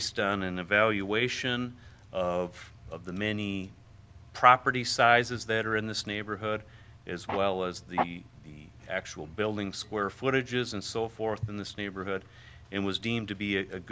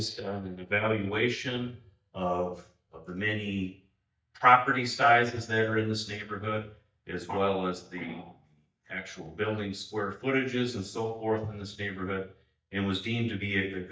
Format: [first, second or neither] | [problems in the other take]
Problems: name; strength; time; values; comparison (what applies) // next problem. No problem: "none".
first | noise reduction (neural mask model DeepFilterNet 3)